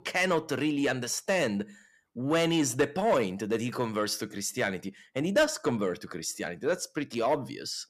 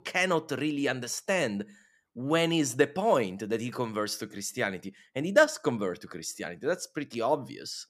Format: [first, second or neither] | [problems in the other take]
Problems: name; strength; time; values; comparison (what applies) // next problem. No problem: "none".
second | distortion; slight; 10 dB below the speech